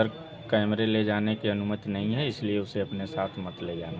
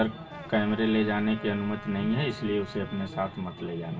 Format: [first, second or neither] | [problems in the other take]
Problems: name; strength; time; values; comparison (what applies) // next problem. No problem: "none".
first | background sound (Trumpet); 16 dB below the speech // room echo; dies away in 0.2 s